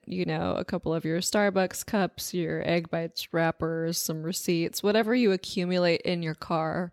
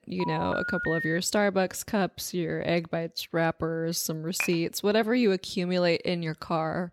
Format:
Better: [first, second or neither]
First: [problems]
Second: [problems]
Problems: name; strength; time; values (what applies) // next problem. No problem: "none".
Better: first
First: none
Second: phone ringing; noticeable; at the start; peak 3 dB below the speech // clattering dishes; noticeable; at 4.5 s; peak 5 dB below the speech